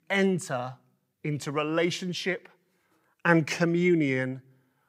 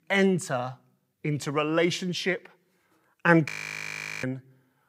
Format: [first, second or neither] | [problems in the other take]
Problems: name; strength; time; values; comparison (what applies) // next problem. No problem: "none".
first | audio freezing; at 3.5 s for 0.5 s